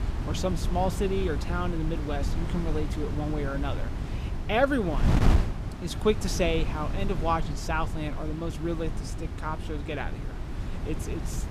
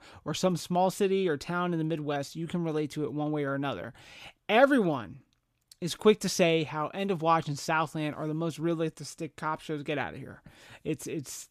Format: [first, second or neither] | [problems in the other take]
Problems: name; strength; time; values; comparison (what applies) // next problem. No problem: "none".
second | wind noise on the microphone; heavy; 8 dB below the speech